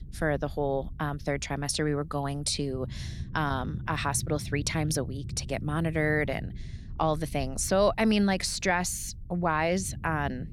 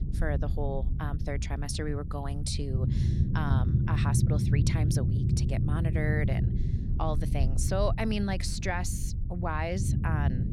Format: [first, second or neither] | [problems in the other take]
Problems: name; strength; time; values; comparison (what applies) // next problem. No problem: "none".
first | low rumble; loud; throughout; 6 dB below the speech; faint in the first